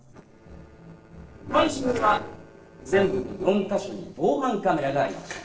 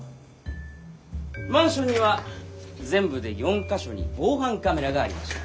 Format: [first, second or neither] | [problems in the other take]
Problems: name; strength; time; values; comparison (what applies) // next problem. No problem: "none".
second | noise reduction (neural separator model SepFormer DNS4)